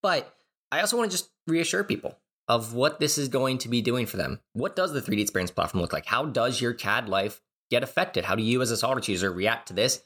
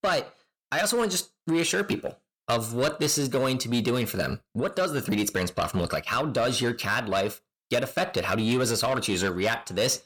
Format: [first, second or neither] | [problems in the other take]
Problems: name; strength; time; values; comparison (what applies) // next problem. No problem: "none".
first | distortion; slight; 10 dB below the speech